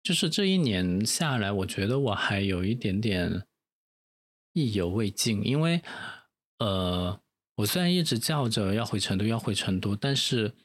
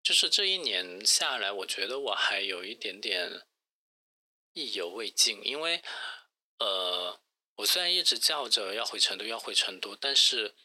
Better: first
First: none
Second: thin; very; fading below 450 Hz

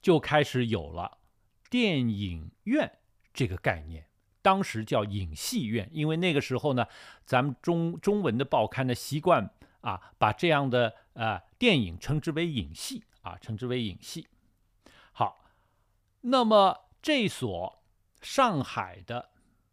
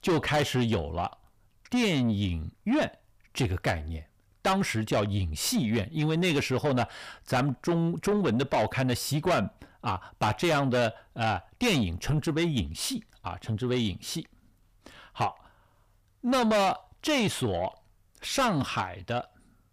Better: first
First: none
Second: distortion; heavy; 6 dB below the speech

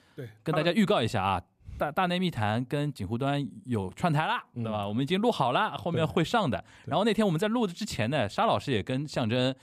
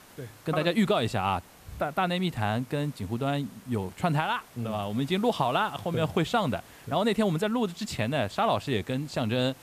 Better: first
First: none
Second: hiss; faint; throughout; 25 dB below the speech

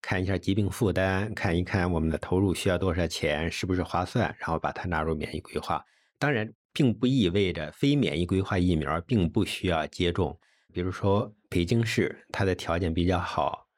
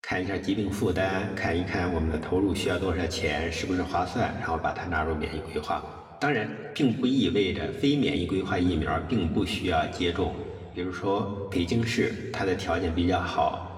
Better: first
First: none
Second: room echo; slight; dies away in 1.9 s // off-mic speech; somewhat distant

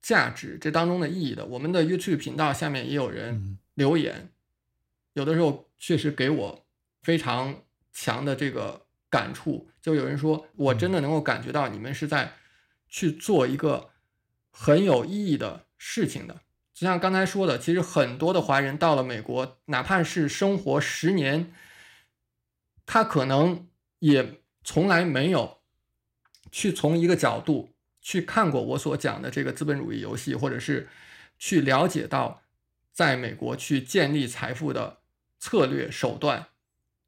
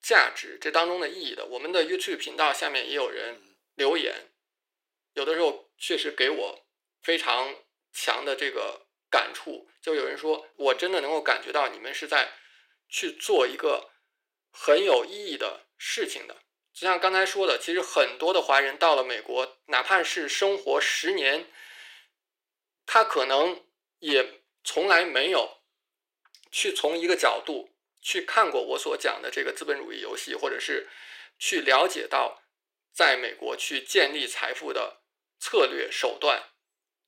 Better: first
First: none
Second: thin; very; fading below 400 Hz

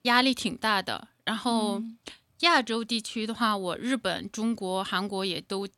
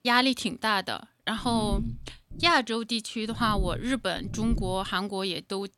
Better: first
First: none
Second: low rumble; faint; from 1.5 to 2.5 s and from 3.5 to 5 s; 20 dB below the speech

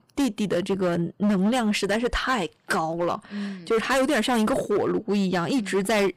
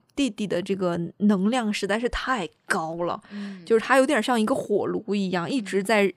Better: second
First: distortion; heavy; 15% of the sound clipped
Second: none

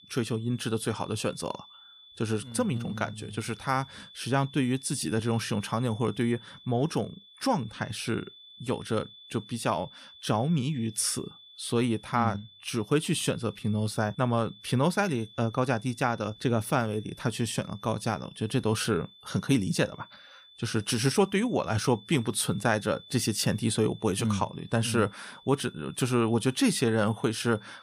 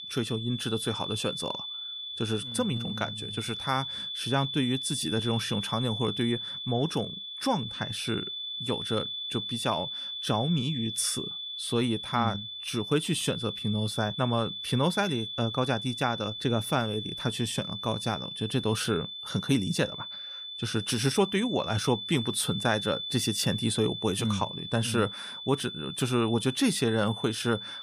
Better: first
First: high-pitched whine; faint; throughout; 3.5 kHz, 20 dB below the speech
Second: high-pitched whine; loud; throughout; 3.5 kHz, 5 dB below the speech

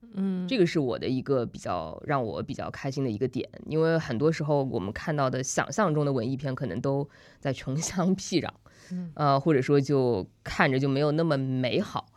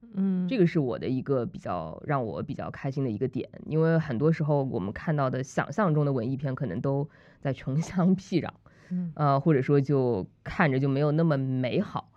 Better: first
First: none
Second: muffled; slightly; fading above 4 kHz

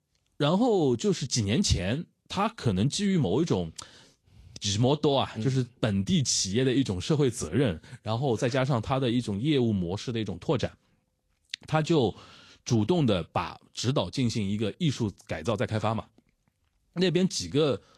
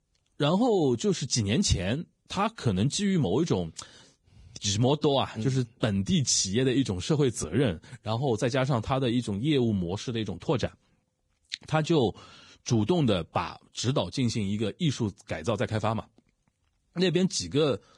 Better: first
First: garbled, watery; slightly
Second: garbled, watery; badly

